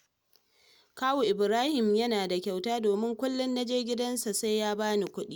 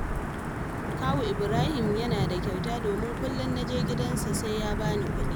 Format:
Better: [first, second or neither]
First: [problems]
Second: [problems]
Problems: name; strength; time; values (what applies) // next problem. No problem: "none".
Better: first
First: none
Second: background sound (Thunder / Wind / Rain); 3 dB above the speech